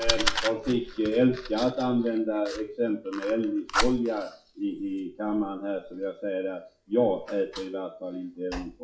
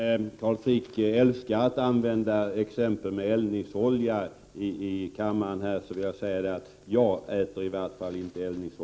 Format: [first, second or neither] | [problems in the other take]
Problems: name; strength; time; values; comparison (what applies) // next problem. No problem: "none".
second | noise reduction (classical method WPE with log-MMSE)